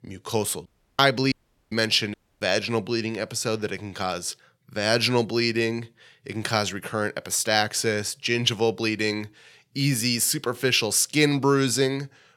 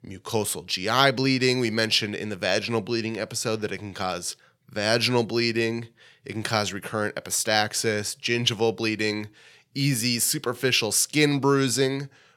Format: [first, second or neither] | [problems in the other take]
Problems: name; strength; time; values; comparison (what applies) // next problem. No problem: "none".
second | audio cutting out; at 0.5 s, at 1.5 s and at 2 s